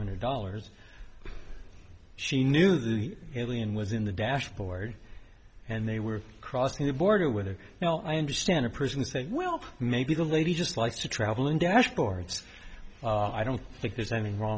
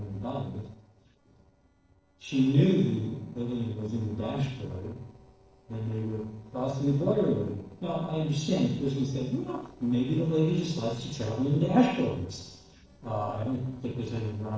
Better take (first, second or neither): first